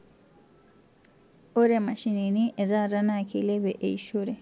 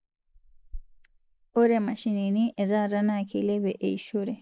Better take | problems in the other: first | noise reduction (neural mask model Resemble Enhance denoiser)

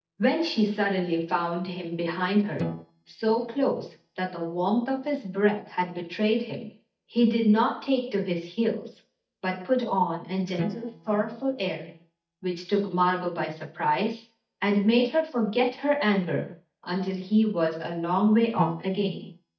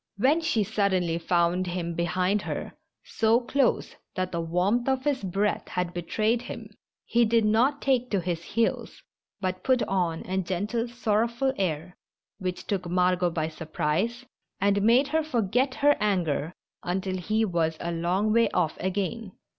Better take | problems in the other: second | noise reduction (neural mask model DeepFilterNet 3)

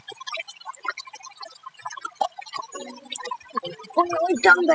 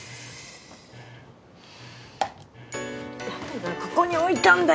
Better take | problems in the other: second | noise reduction (classical method spectral subtraction)

